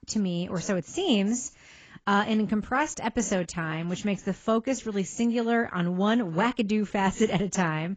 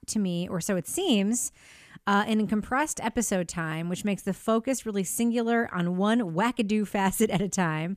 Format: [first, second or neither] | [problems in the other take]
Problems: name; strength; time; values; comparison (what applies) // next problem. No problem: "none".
second | garbled, watery; badly; nothing above 7.5 kHz